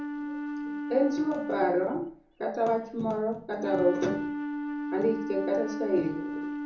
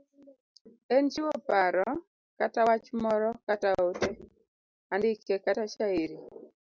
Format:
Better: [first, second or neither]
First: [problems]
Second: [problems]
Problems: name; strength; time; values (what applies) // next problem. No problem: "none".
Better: second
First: background sound (Wind instrument, woodwind instrument); 5 dB below the speech // room echo; dies away in 0.6 s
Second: none